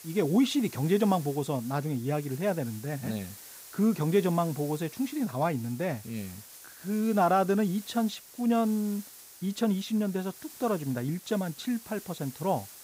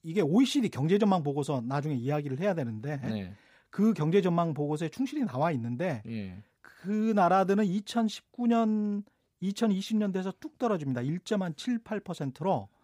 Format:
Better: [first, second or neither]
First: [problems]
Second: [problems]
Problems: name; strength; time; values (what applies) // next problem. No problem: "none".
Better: second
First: hiss; noticeable; throughout; 15 dB below the speech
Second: none